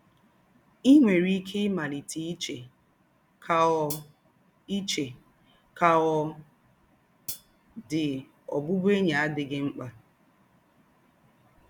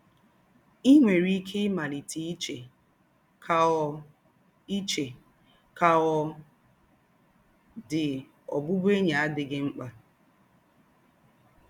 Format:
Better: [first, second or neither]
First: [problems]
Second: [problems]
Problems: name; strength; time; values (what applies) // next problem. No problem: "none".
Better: second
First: background sound (Hi-hat); 11 dB below the speech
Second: none